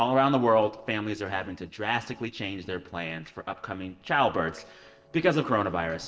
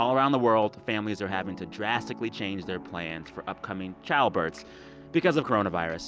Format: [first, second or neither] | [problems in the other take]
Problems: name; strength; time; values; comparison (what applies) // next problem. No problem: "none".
second | noise reduction (neural separator model SepFormer DNS4)